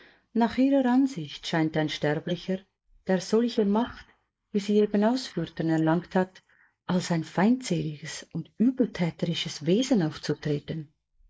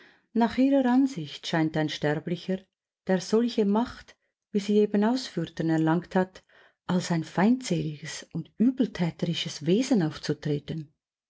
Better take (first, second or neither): second